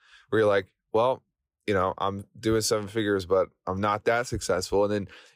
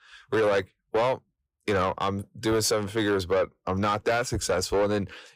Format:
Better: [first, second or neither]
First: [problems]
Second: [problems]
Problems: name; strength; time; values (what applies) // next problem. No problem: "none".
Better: first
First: none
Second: distortion; slight; 10 dB below the speech